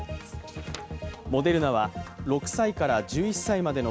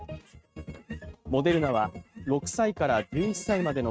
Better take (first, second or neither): first